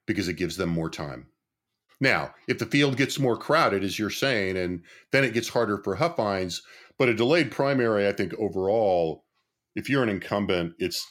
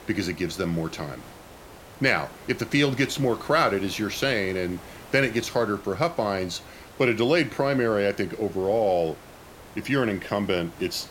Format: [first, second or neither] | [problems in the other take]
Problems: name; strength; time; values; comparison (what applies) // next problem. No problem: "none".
first | hiss; noticeable; throughout; 20 dB below the speech